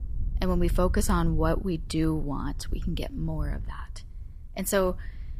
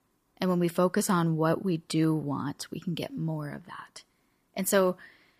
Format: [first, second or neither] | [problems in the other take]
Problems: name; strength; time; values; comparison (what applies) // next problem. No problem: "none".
second | wind noise on the microphone; occasional gusts; 25 dB below the speech